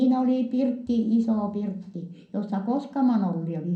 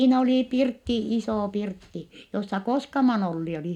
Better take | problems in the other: second | room echo; dies away in 0.6 s

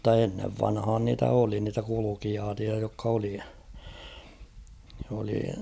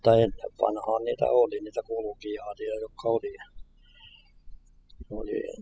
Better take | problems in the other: first | noise reduction (classical method spectral subtraction)

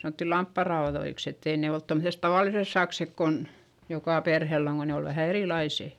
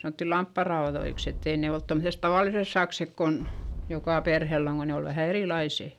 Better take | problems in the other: first | background sound (Boom); 12 dB below the speech

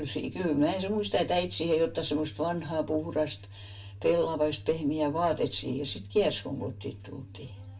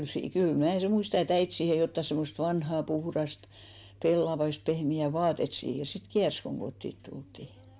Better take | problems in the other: second | room echo; dies away in 0.2 s

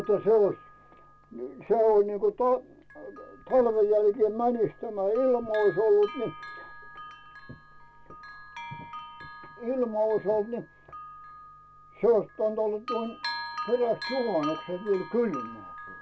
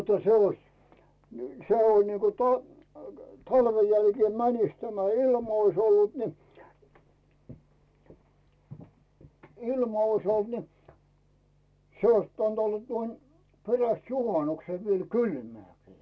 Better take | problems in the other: second | background sound (Bell); 15 dB below the speech

